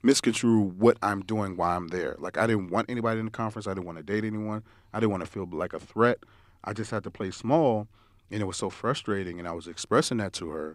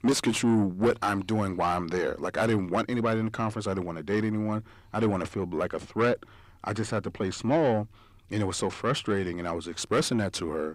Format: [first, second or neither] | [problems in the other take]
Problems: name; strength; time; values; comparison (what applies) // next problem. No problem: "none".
first | distortion; heavy; 8 dB below the speech